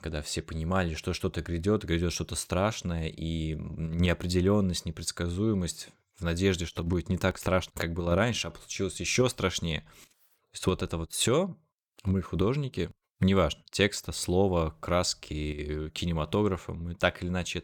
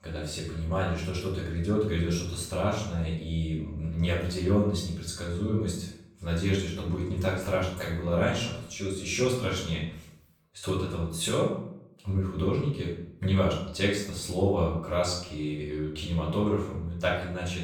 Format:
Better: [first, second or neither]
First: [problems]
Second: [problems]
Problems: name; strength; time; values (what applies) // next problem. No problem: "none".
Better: first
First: none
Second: room echo; noticeable; dies away in 0.6 s // off-mic speech; far